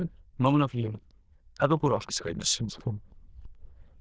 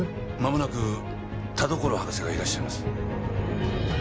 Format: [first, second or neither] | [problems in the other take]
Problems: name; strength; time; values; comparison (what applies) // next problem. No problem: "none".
second | noise reduction (neural diffusion model UNIVERSE++)